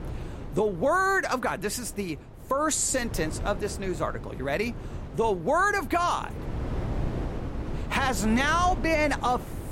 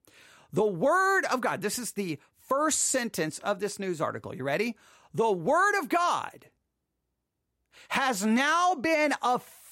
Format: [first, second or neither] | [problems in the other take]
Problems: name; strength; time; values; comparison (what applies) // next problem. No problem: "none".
second | wind noise on the microphone; occasional gusts; 15 dB below the speech